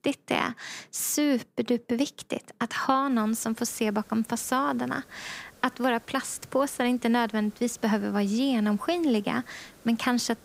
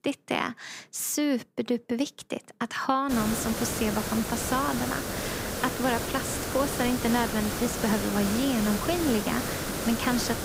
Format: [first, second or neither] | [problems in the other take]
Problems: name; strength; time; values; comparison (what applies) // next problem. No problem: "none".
first | hiss; loud; from 3 s on; 2 dB below the speech; faint in the first